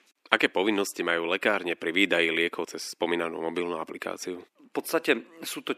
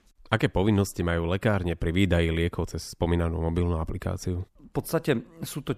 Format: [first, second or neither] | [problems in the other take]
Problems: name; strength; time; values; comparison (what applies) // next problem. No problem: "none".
second | thin; somewhat; fading below 300 Hz